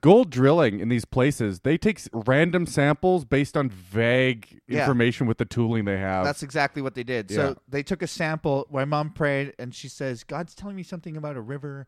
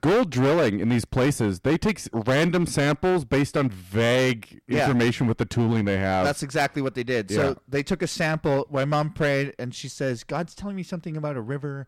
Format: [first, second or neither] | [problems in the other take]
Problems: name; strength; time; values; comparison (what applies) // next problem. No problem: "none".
first | distortion; heavy; 11% of the sound clipped